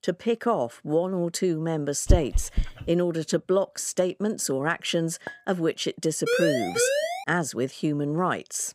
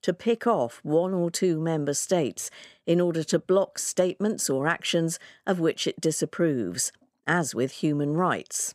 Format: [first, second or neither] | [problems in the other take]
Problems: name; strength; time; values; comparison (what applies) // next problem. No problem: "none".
second | dog barking; loud; at 2 s; peak 1 dB above the speech // clattering dishes; faint; at 5.5 s; peak 15 dB below the speech // siren; loud; at 6.5 s; peak 2 dB above the speech